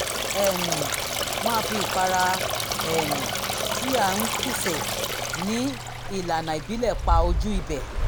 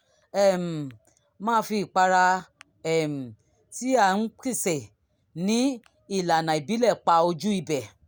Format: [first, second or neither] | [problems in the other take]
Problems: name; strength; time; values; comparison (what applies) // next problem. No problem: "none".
second | background sound (Stream); 1 dB above the speech